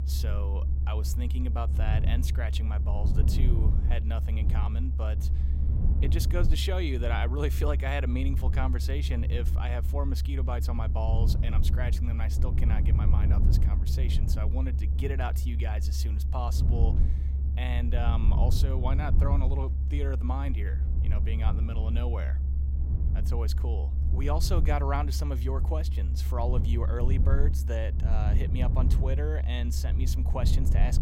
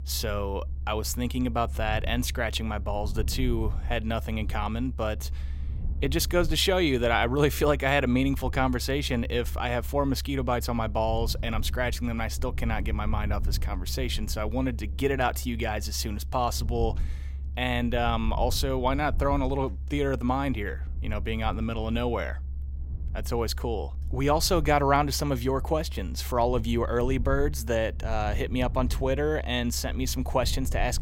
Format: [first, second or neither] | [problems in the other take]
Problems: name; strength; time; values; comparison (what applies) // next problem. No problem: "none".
second | low rumble; loud; throughout; 7 dB below the speech; faint in the second